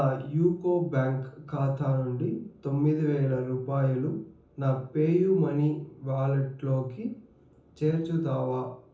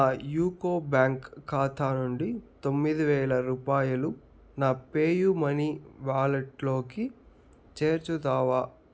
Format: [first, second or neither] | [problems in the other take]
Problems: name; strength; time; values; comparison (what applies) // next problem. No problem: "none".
second | room echo; dies away in 0.7 s